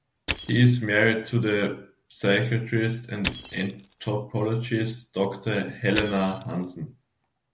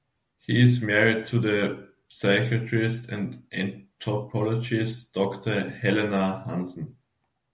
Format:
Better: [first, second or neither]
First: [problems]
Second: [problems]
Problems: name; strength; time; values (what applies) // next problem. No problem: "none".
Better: second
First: background sound (Crushing); 12 dB below the speech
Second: none